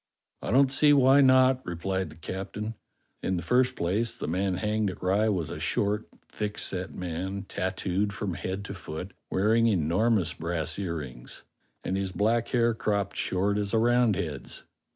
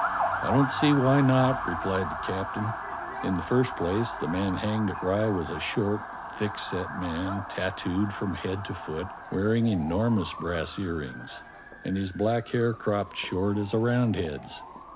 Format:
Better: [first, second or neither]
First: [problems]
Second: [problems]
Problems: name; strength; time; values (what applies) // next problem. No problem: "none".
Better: first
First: none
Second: background sound (Motor vehicle (road) / Siren); 8 dB below the speech